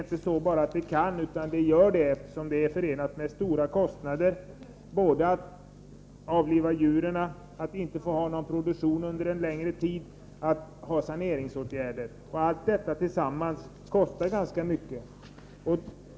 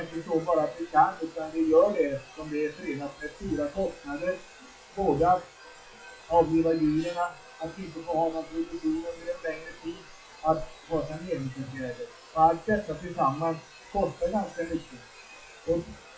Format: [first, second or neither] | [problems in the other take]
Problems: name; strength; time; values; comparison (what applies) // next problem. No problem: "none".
first | noise reduction (classical method WPE with log-MMSE)